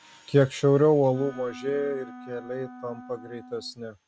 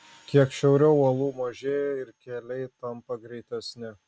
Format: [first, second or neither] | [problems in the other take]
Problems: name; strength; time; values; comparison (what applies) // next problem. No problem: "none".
second | background sound (Wind instrument, woodwind instrument); 18 dB below the speech